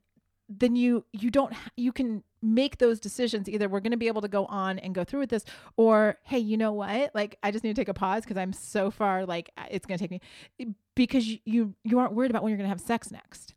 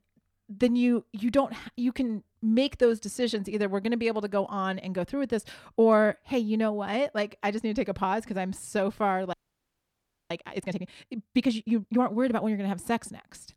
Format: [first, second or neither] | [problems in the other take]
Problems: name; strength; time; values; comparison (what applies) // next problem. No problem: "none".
first | audio freezing; at 9.5 s for 1 s